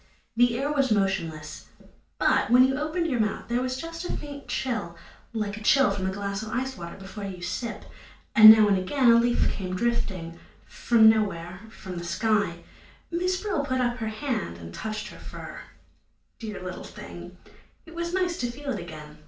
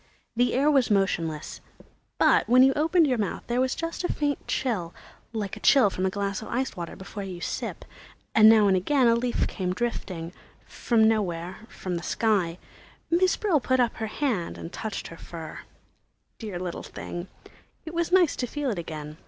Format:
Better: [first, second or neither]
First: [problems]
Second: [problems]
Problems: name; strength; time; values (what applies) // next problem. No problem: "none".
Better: second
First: room echo; dies away in 0.3 s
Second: none